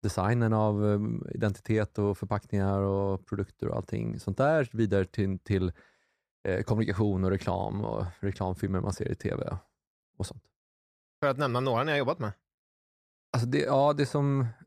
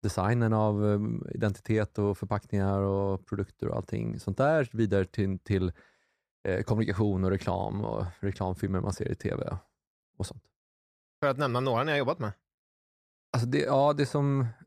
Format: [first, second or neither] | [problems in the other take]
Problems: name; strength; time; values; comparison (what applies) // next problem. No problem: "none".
neither | none